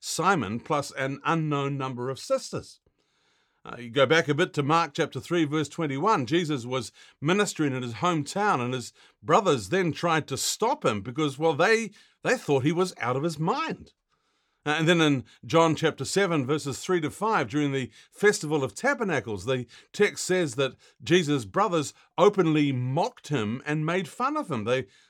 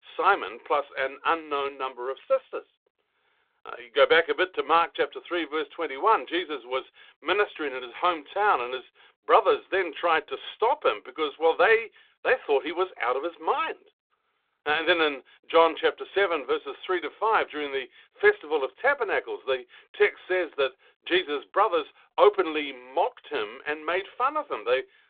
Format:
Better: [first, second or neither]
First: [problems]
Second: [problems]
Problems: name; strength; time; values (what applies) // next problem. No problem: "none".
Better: first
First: none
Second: phone-call audio; nothing above 3.5 kHz